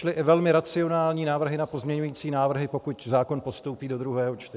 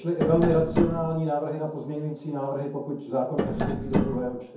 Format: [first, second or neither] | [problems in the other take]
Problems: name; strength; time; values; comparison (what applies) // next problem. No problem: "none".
first | background sound (Tap); as loud as the speech // room echo; dies away in 0.6 s